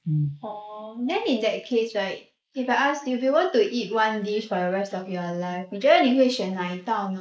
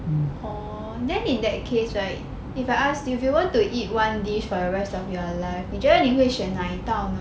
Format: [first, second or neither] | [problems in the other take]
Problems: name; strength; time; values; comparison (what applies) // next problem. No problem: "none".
second | noise reduction (neural mask model Resemble Enhance denoiser)